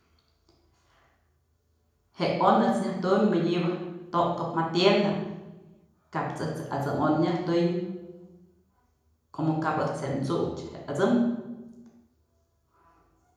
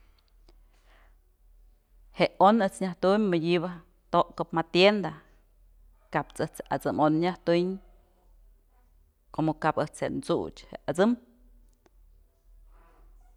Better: second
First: room echo; dies away in 0.9 s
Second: none

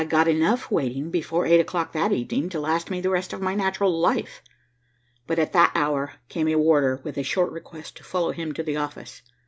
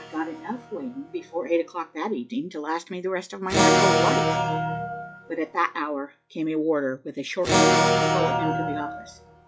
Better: first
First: none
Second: noise reduction (classical method log-MMSE)

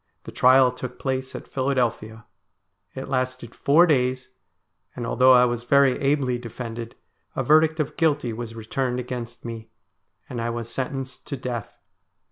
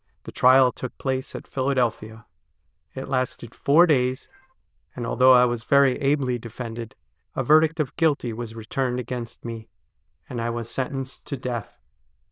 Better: first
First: none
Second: noise reduction (neural diffusion model UNIVERSE++)

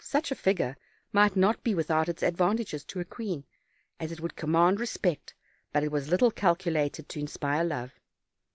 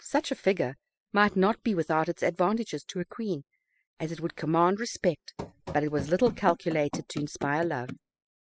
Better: first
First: none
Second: noise reduction (classical method spectral subtraction)

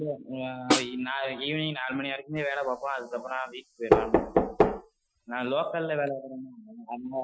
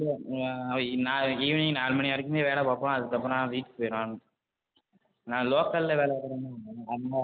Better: second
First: noise reduction (classical method Wiener filter)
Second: none

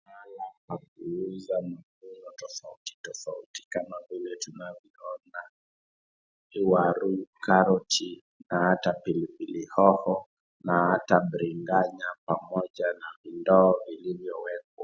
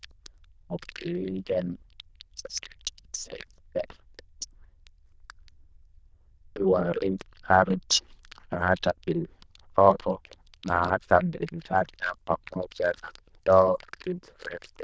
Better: first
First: none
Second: noise reduction (neural diffusion model UNIVERSE++)

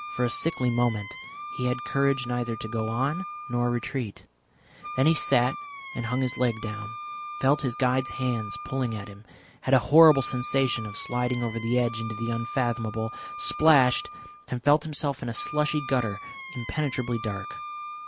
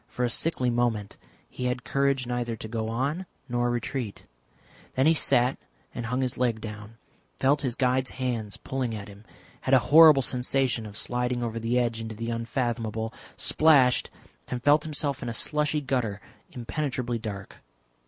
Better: second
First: background sound (Wind instrument, woodwind instrument); 11 dB below the speech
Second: none

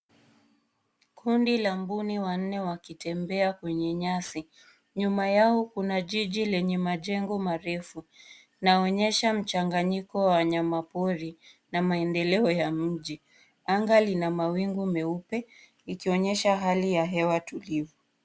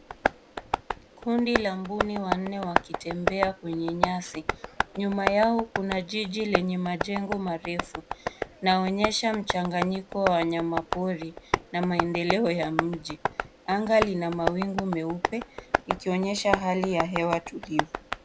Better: first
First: none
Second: background sound (Tap); 3 dB below the speech

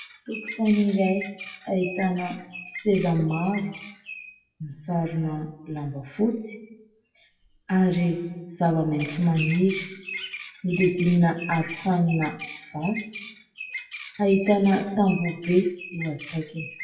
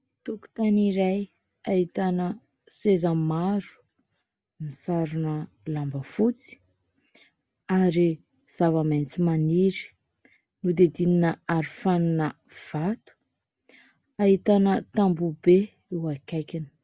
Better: second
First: noise reduction (classical method WPE with log-MMSE)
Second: none

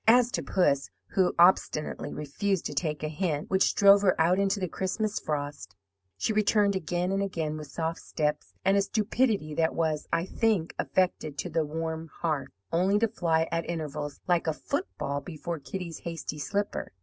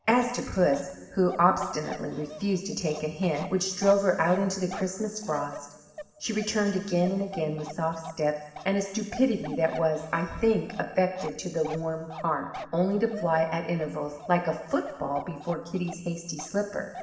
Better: first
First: none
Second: background sound (Bark); 16 dB below the speech // room echo; dies away in 2 s

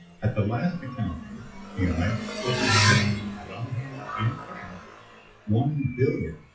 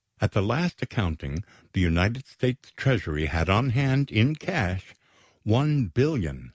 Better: second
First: noise reduction (classical method WPE with log-MMSE)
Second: none

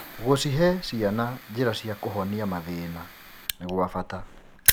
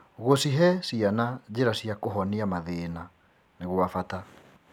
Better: second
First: background sound (Fire); 5 dB below the speech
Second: none

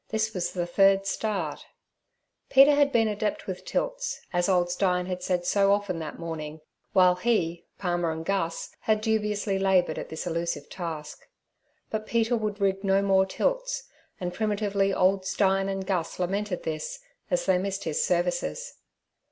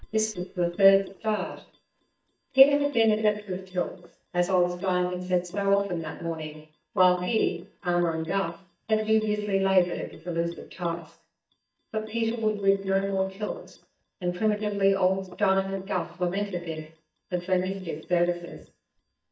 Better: first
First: none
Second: noise reduction (neural mask model DeepFilterNet 3)

